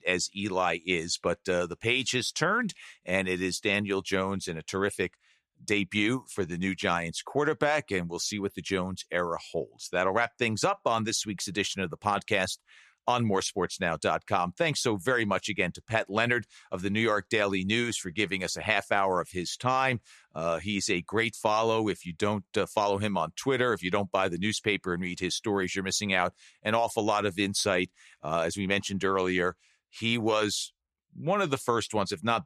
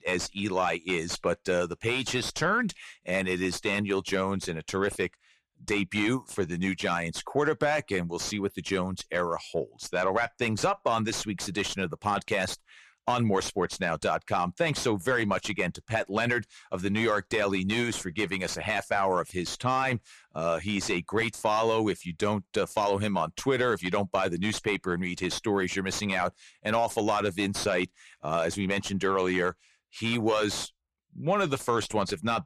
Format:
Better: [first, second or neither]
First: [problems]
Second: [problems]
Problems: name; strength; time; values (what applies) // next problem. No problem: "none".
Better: first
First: none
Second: distortion; slight; 10 dB below the speech